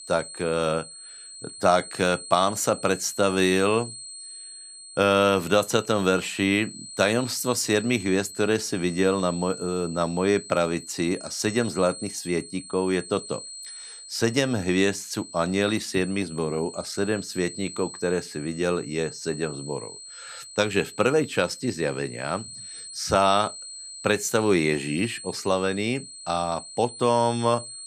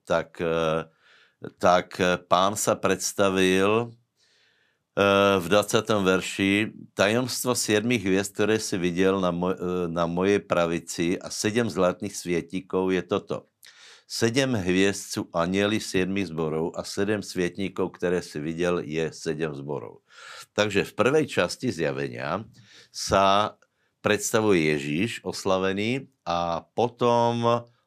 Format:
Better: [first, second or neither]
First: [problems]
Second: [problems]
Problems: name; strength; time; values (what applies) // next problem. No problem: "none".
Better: second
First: high-pitched whine; noticeable; throughout; 8 kHz, 15 dB below the speech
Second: none